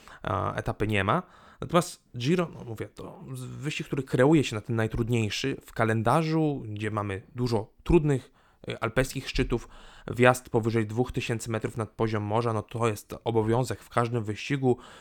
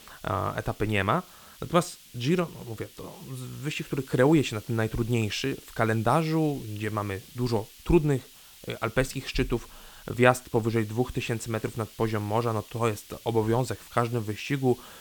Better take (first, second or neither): first